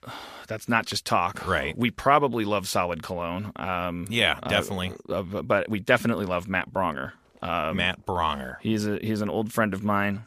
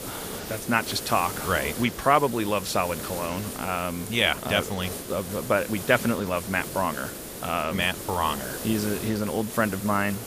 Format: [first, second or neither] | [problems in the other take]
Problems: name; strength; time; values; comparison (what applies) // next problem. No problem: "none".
first | hiss; loud; throughout; 9 dB below the speech